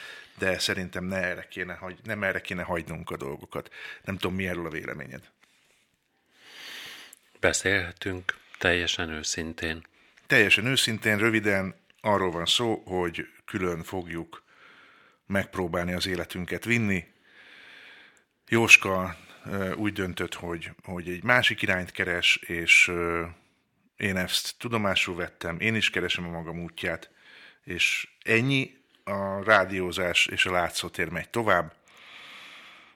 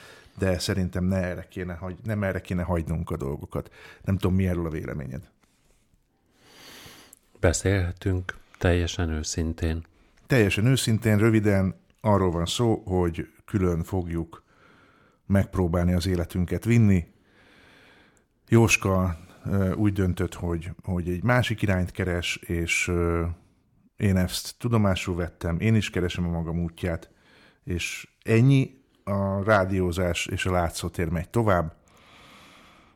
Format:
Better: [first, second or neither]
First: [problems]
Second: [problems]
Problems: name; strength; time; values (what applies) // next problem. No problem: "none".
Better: second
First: thin; somewhat; fading below 400 Hz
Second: none